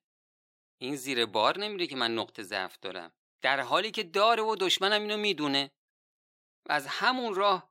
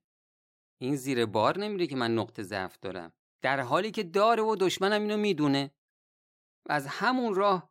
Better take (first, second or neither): second